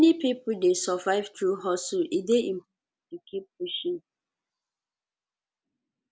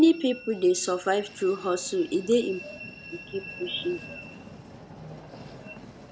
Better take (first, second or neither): first